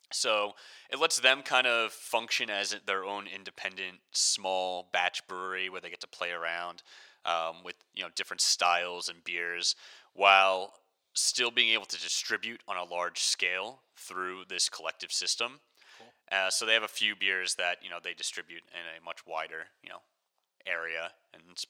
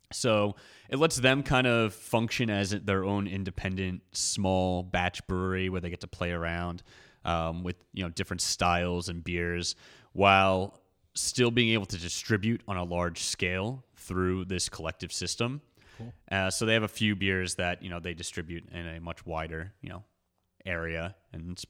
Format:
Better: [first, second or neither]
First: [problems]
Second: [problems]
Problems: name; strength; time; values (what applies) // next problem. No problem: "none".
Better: second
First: thin; very; fading below 750 Hz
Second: none